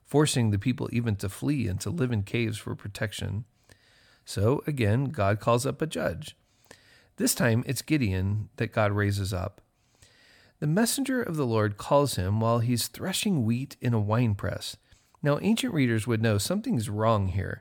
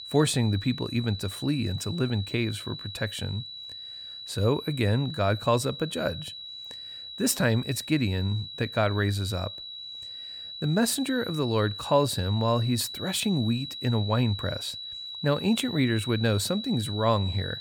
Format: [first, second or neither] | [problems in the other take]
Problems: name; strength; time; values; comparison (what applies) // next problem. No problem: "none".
first | high-pitched whine; loud; throughout; 4 kHz, 9 dB below the speech